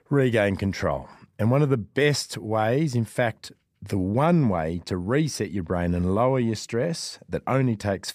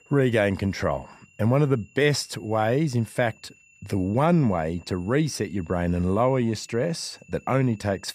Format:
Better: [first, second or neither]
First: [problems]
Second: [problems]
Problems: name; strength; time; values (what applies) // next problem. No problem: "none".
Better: first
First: none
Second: high-pitched whine; faint; throughout; 2.5 kHz, 30 dB below the speech